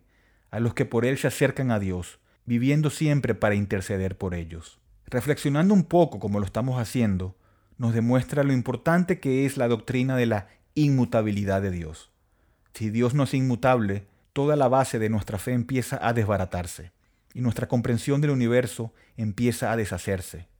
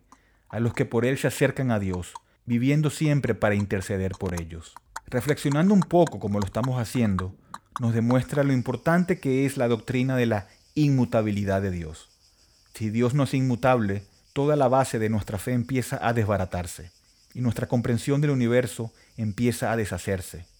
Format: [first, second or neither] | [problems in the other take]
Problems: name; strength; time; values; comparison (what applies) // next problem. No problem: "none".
first | animal sounds; noticeable; throughout; 20 dB below the speech